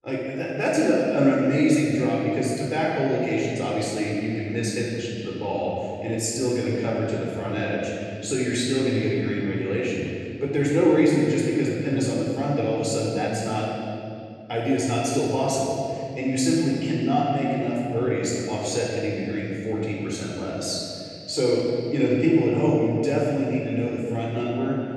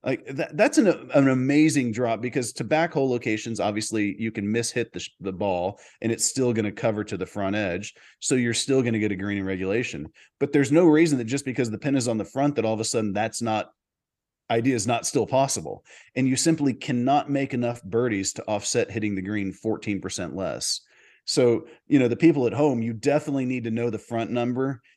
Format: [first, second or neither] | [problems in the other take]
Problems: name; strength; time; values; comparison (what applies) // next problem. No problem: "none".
second | off-mic speech; far // room echo; strong; dies away in 2.4 s